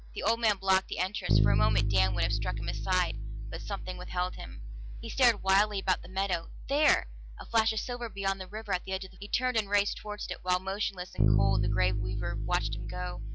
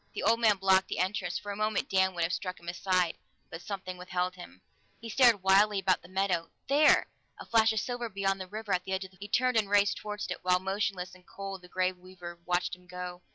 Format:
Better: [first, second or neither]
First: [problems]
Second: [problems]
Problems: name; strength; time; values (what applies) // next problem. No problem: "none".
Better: second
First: background sound (Bass guitar); 1 dB above the speech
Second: none